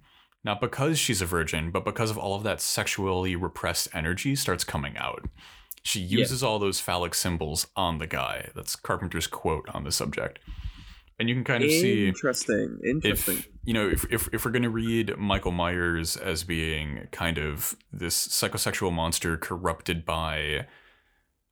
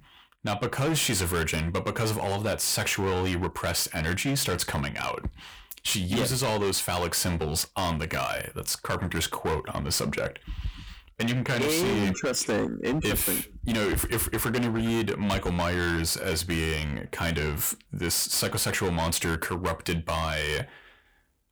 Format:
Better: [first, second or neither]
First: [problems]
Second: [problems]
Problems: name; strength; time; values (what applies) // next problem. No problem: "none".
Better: first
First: none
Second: distortion; heavy; 18% of the sound clipped